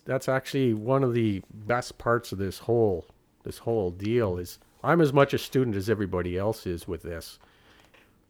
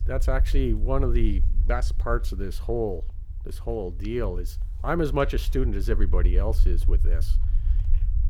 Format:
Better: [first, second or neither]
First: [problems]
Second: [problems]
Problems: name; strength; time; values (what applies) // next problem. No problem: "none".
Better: first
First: none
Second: low rumble; noticeable; throughout; 20 dB below the speech